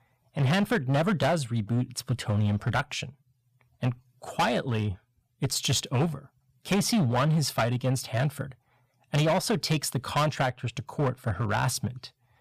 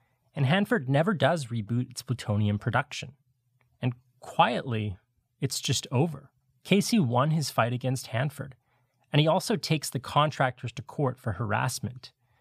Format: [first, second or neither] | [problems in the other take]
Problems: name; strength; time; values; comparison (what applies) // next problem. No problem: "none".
second | distortion; heavy; 9% of the sound clipped